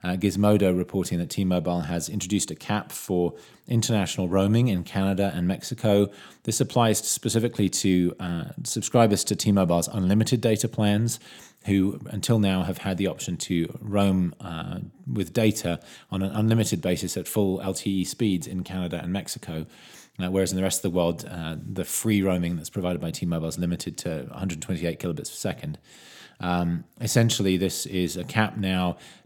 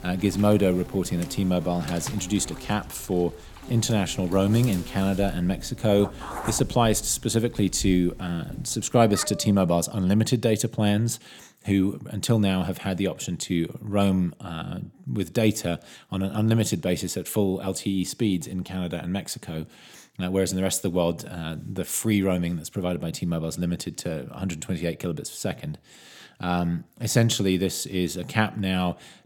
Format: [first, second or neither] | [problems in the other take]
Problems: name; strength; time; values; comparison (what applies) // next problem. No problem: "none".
first | animal sounds; noticeable; until 9 s; 15 dB below the speech